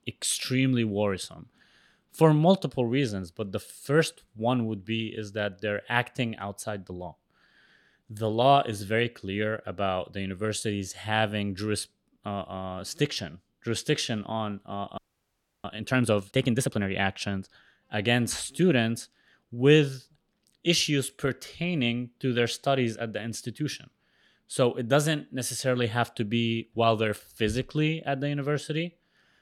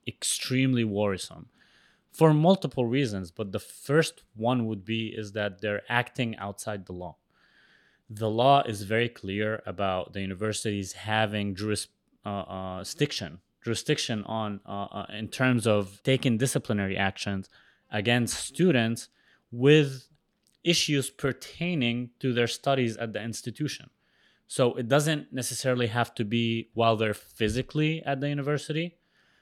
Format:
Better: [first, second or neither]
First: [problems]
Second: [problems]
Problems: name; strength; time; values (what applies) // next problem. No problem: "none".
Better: second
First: audio freezing; at 15 s for 0.5 s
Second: none